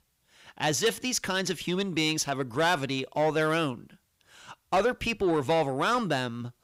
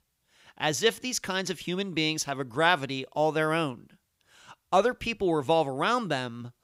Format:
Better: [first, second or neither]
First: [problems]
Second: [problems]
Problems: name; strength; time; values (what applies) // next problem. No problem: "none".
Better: second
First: distortion; slight; 10 dB below the speech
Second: none